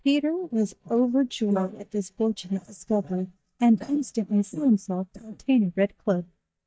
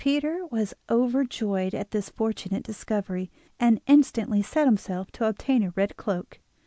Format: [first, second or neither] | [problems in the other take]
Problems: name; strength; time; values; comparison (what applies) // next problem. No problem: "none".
second | noise reduction (neural mask model DeepFilterNet 3)